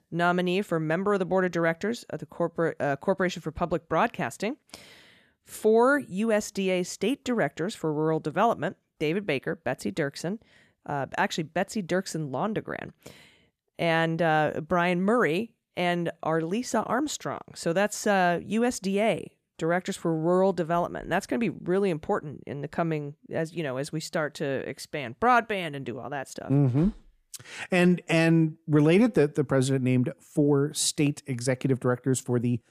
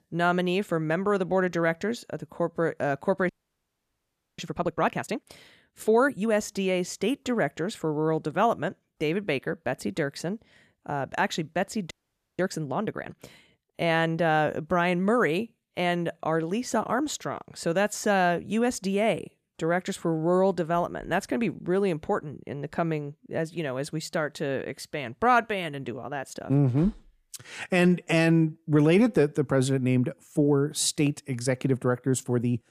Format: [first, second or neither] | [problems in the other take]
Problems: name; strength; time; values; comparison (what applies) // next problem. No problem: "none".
first | audio freezing; at 3.5 s for 1 s and at 12 s